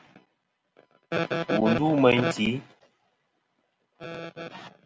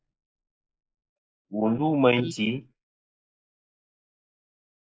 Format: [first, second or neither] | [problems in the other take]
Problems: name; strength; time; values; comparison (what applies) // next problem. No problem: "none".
first | noise reduction (neural mask model Resemble Enhance denoiser)